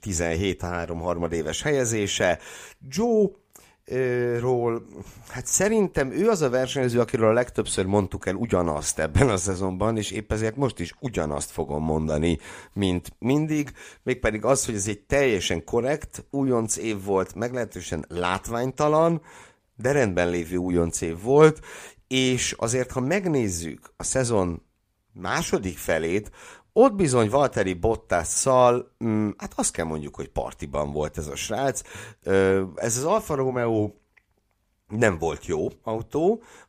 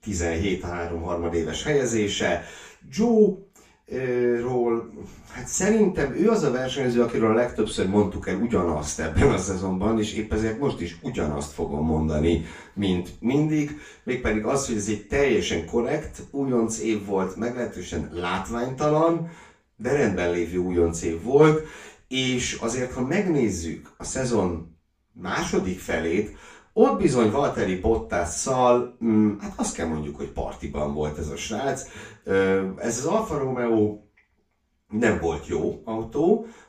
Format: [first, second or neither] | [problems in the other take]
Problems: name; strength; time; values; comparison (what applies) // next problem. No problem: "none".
first | room echo; slight; dies away in 0.3 s // off-mic speech; far